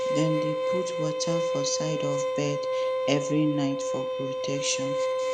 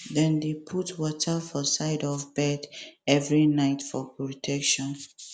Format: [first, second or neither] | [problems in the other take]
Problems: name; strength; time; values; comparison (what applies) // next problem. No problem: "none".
second | background sound (Bowed string instrument); 2 dB above the speech